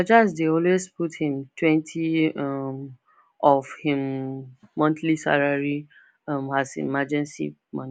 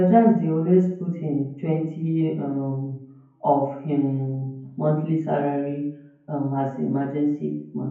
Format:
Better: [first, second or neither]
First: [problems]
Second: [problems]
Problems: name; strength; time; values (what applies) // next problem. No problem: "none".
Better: first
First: none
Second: room echo; dies away in 0.9 s